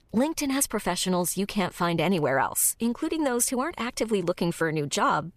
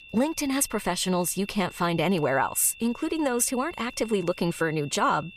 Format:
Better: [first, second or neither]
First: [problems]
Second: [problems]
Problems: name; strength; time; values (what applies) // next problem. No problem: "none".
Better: first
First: none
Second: high-pitched whine; noticeable; throughout; 2.5 kHz, 20 dB below the speech